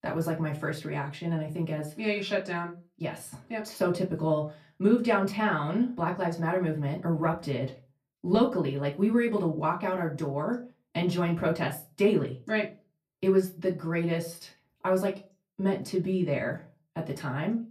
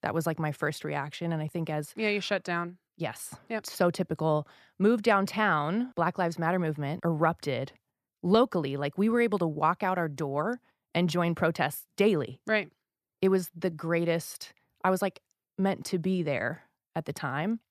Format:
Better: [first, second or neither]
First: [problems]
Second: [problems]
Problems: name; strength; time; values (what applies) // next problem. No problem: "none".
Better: second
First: off-mic speech; far // room echo; very slight; dies away in 0.2 s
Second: none